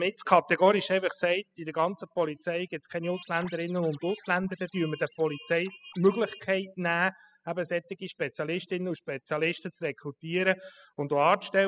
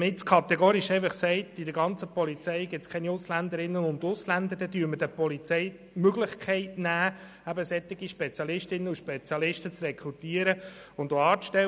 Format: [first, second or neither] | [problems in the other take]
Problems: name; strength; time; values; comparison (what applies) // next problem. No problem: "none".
second | noise reduction (classical method spectral subtraction)